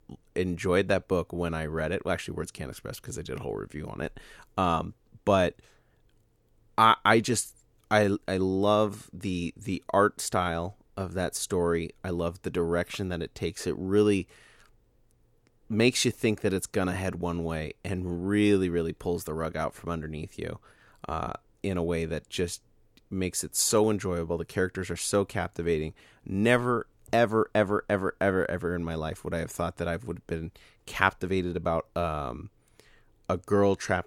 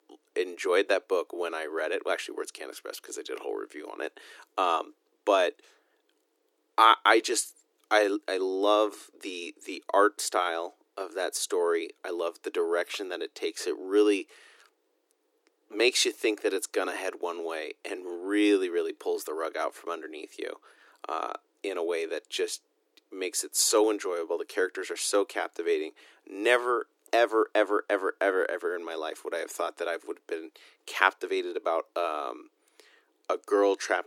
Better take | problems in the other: first | thin; very; fading below 300 Hz

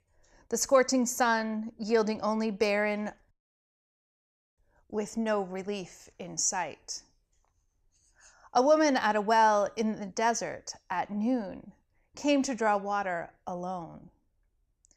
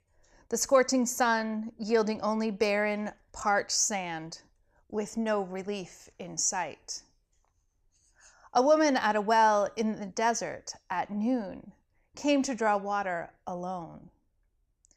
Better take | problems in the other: second | audio cutting out; at 3.5 s for 1.5 s

